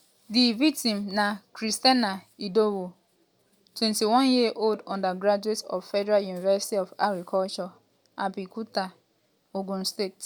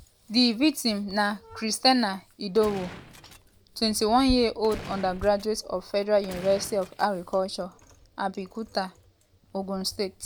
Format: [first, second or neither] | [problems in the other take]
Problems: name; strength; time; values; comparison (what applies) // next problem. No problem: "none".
first | background sound (Bicycle + Gunshot, gunfire); 17 dB below the speech